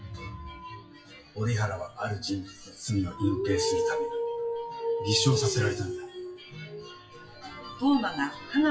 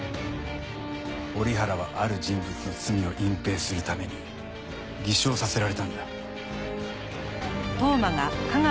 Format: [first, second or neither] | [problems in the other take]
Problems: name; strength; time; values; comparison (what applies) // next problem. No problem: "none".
second | noise reduction (classical method WPE with log-MMSE)